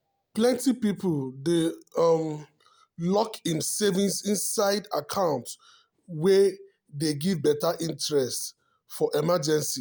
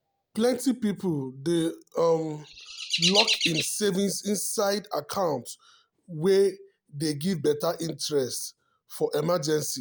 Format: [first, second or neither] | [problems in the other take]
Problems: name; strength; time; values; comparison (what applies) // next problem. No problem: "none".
first | background sound (Chirp, tweet); 2 dB below the speech